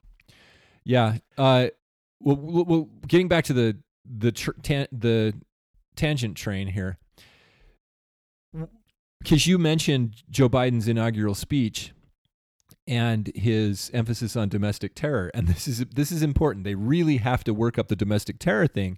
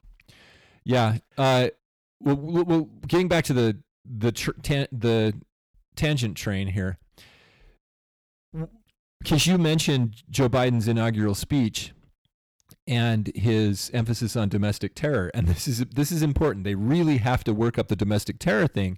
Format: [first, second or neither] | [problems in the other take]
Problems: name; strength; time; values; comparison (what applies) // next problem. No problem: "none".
first | distortion; slight; 6% of the sound clipped